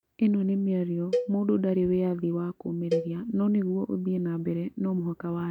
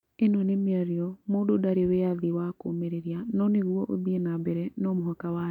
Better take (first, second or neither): second